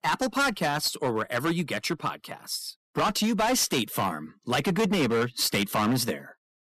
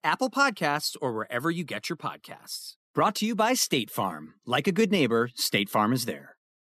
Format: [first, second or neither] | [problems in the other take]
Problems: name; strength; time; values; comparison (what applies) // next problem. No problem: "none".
second | distortion; heavy; 12% of the sound clipped